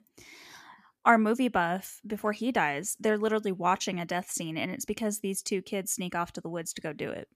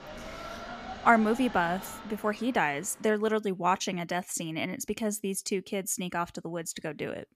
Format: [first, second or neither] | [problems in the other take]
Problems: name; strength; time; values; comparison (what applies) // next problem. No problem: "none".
first | train or aircraft noise; noticeable; until 3 s; 15 dB below the speech